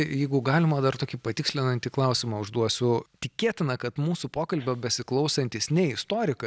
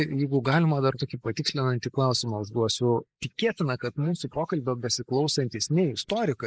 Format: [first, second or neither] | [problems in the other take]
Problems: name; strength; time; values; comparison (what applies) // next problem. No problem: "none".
first | noise reduction (neural mask model Resemble Enhance denoiser)